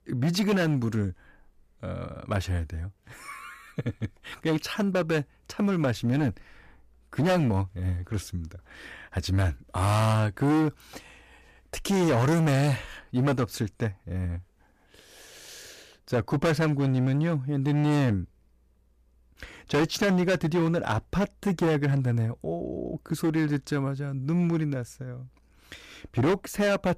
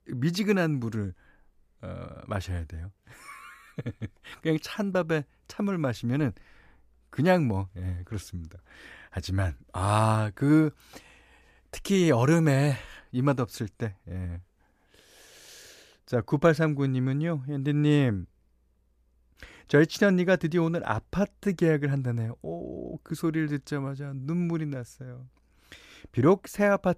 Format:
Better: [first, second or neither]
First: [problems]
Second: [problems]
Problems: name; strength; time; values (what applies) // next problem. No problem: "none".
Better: second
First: distortion; heavy; 10% of the sound clipped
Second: none